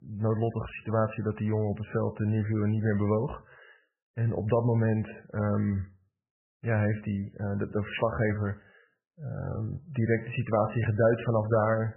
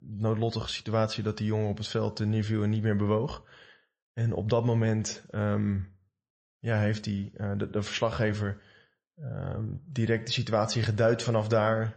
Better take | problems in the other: second | garbled, watery; badly; nothing above 3 kHz; slightly in the second

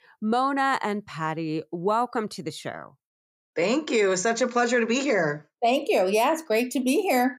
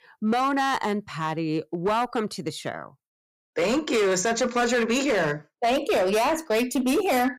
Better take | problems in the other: first | distortion; slight; 13% of the sound clipped

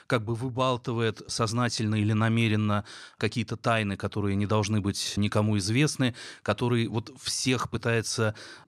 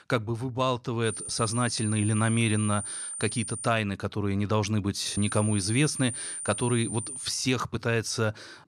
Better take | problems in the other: first | high-pitched whine; loud; from 1 to 3.5 s and from 5 to 7.5 s; 9 kHz, 6 dB below the speech

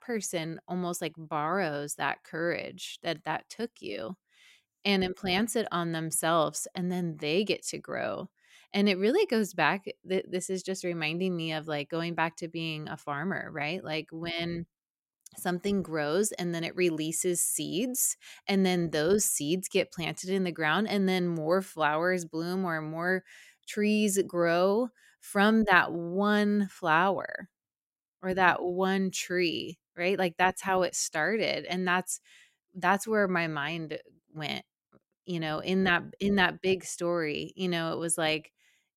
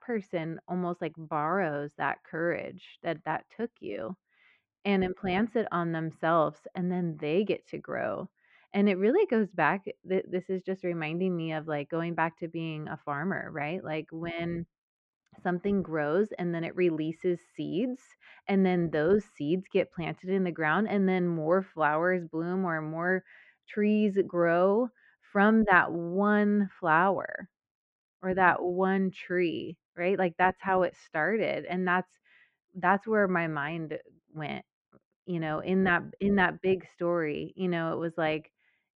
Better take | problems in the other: first | muffled; very; fading above 2 kHz

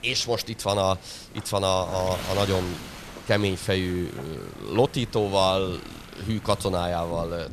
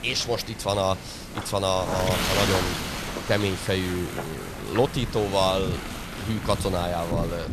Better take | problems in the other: first | wind noise on the microphone; heavy; 5 dB below the speech; occasional gusts in the first

